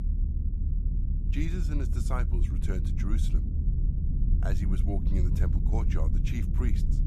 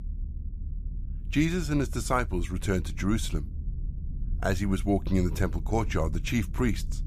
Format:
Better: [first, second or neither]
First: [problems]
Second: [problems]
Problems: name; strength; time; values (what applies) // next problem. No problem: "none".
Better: second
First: low rumble; loud; throughout; 3 dB below the speech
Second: low rumble; faint; throughout; 20 dB below the speech